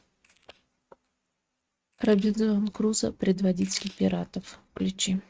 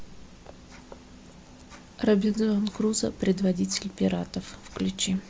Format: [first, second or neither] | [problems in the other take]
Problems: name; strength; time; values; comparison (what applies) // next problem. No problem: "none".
second | noise reduction (neural mask model RNNoise)